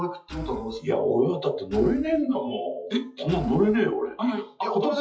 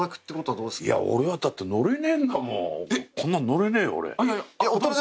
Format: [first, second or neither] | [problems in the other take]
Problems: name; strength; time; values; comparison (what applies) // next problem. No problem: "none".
second | noise reduction (classical method WPE with log-MMSE)